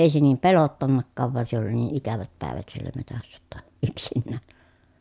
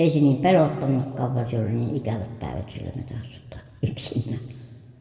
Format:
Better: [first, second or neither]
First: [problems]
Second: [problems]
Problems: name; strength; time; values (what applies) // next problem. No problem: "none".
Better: first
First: none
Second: room echo; dies away in 1.6 s